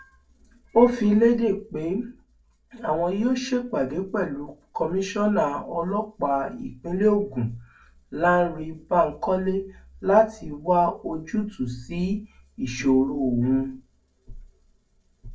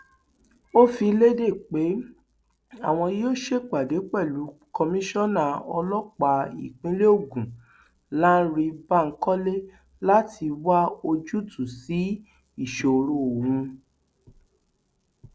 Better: second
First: room echo; dies away in 0.2 s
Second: none

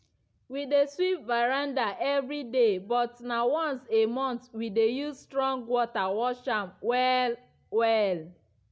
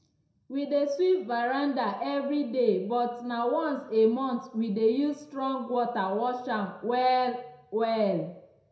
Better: first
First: none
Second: room echo; dies away in 0.5 s

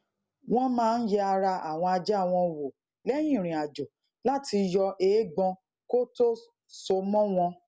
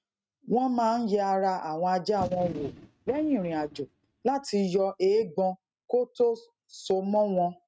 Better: first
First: none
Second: noise reduction (neural mask model RNNoise)

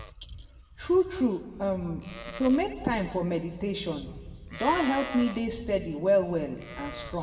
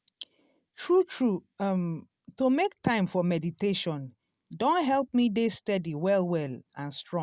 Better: second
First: background sound (Livestock, farm animals, working animals); 13 dB below the speech // room echo; dies away in 1.3 s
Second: none

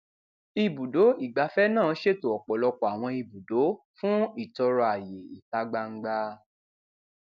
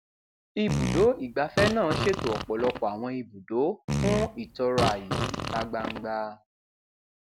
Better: first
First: none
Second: background sound (Fart); 2 dB below the speech

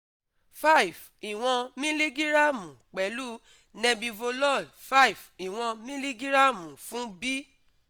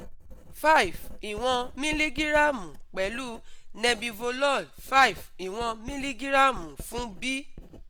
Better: first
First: none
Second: background sound (Writing); 13 dB below the speech

